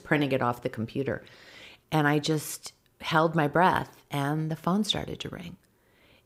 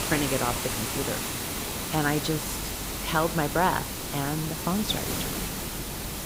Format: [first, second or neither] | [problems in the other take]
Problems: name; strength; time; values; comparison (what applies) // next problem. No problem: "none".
first | hiss; loud; throughout; 1 dB below the speech